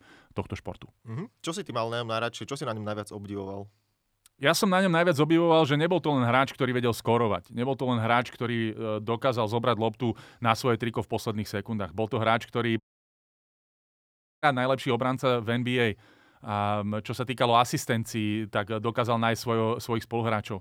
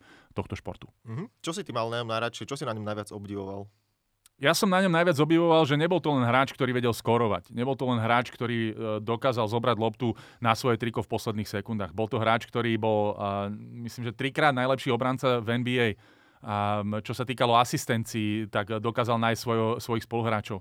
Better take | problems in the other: second | audio cutting out; at 13 s for 1.5 s

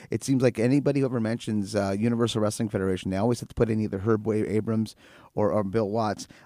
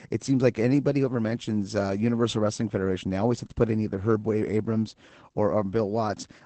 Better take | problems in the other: first | garbled, watery; badly; nothing above 8 kHz

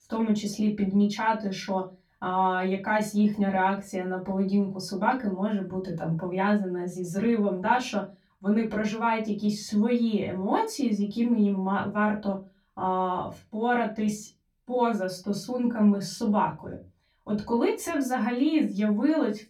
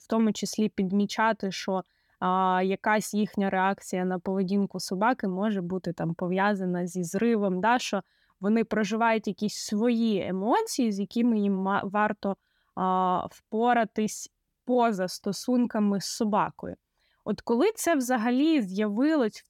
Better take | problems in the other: second | off-mic speech; far // room echo; very slight; dies away in 0.3 s

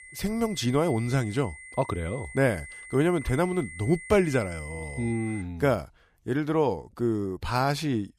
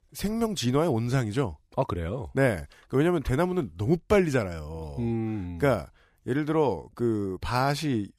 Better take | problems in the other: second | high-pitched whine; noticeable; until 5.5 s; 2 kHz, 15 dB below the speech

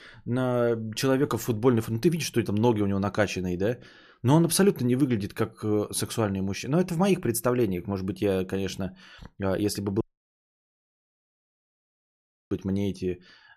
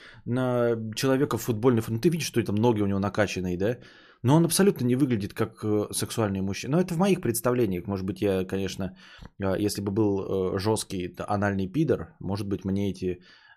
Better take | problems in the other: second | audio cutting out; at 10 s for 2.5 s

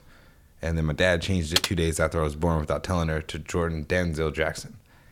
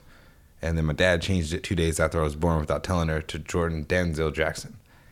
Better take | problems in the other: second | keyboard typing; loud; at 1.5 s; peak 1 dB above the speech

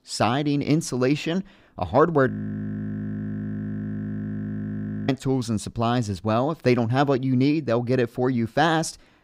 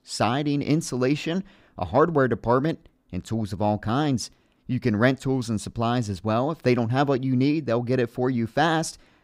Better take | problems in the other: second | audio freezing; at 2.5 s for 3 s

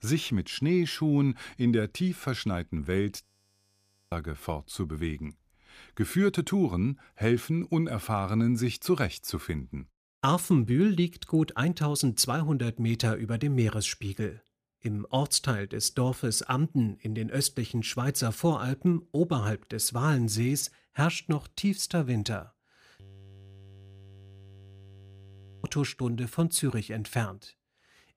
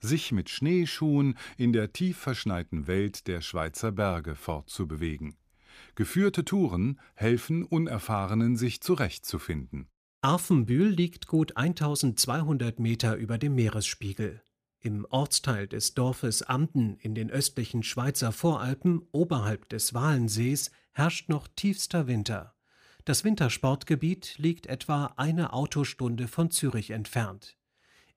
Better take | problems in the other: second | audio freezing; at 3 s for 1 s and at 23 s for 2.5 s

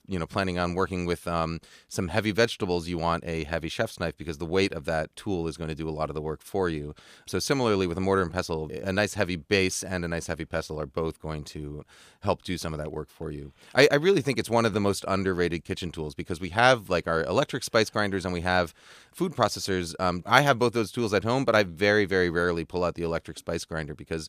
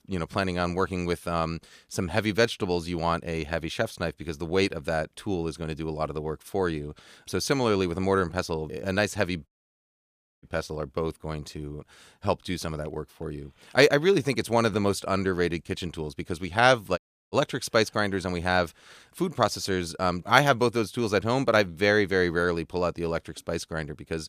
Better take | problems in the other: first | audio cutting out; at 9.5 s for 1 s and at 17 s

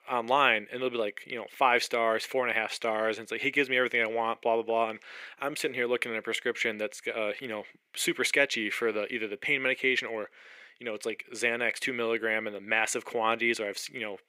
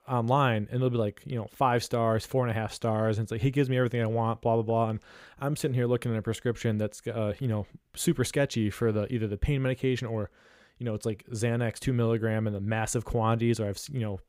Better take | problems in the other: second | thin; very; fading below 300 Hz

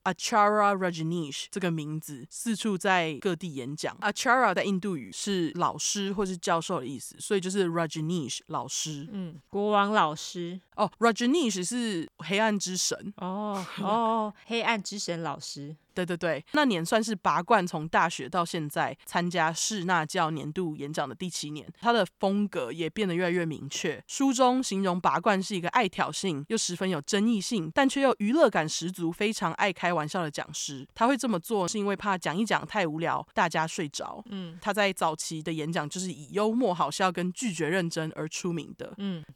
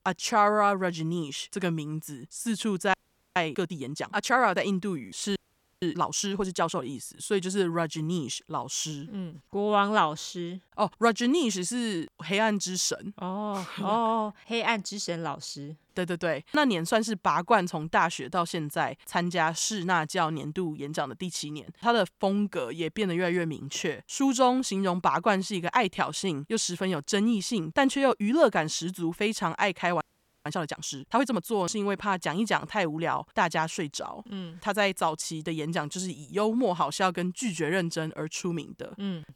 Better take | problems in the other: first | audio freezing; at 3 s, at 5.5 s and at 30 s

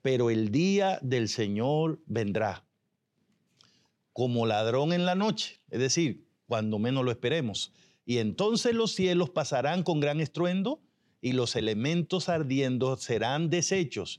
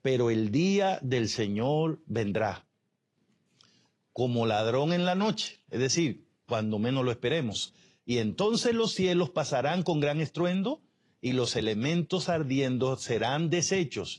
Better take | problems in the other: first | garbled, watery; slightly

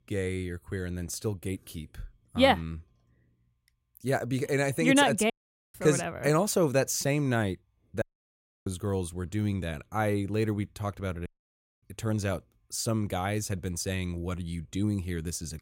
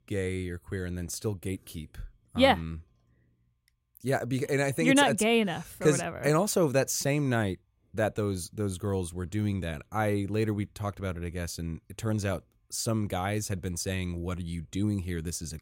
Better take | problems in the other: second | audio cutting out; at 5.5 s, at 8 s for 0.5 s and at 11 s for 0.5 s

